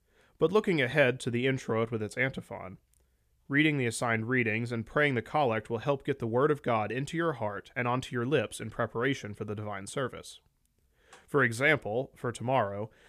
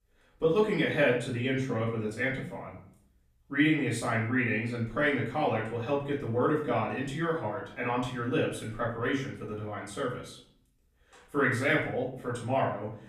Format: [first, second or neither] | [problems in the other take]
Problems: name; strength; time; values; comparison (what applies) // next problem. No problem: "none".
first | off-mic speech; far // room echo; noticeable; dies away in 0.5 s